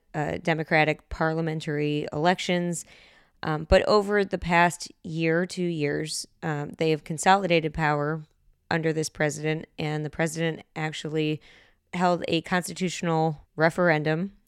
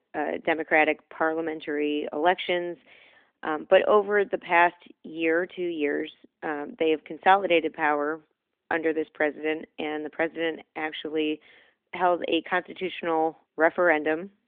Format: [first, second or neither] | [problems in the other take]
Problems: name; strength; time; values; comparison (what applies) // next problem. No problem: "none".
first | phone-call audio; nothing above 3.5 kHz